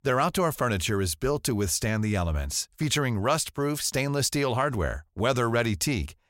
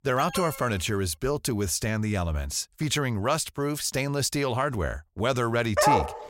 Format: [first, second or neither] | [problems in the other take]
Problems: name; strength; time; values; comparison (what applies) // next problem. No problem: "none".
first | alarm; noticeable; at the start; peak 8 dB below the speech // dog barking; loud; at 6 s; peak 5 dB above the speech